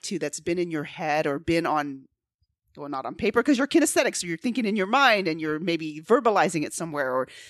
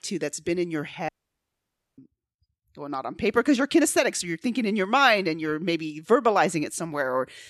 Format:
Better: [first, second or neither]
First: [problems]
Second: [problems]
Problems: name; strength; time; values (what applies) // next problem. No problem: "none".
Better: first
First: none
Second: audio cutting out; at 1 s for 1 s